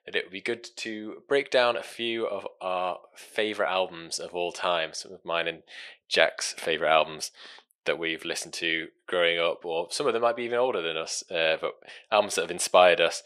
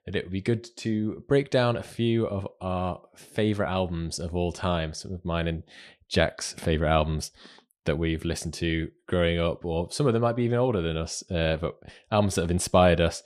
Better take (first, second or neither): second